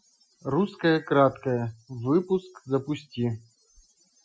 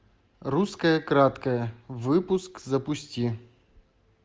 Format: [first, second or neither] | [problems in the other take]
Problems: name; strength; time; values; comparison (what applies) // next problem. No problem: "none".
second | noise reduction (classical method Wiener filter)